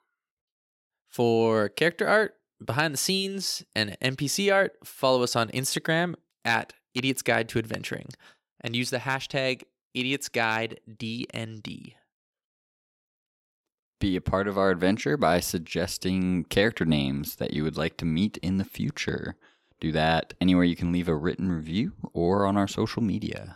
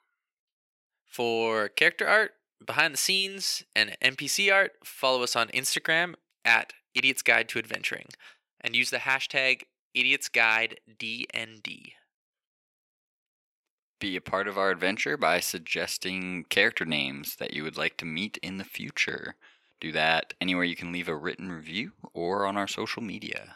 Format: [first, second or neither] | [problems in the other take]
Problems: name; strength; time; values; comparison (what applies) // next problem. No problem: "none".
first | thin; somewhat; fading below 650 Hz